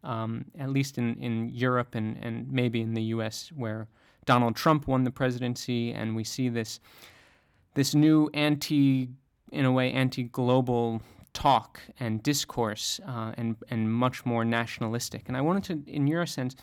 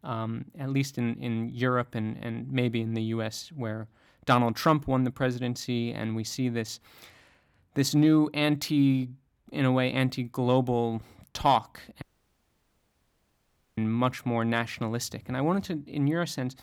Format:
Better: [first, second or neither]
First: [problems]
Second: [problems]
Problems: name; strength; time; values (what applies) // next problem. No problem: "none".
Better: first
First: none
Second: audio cutting out; at 12 s for 2 s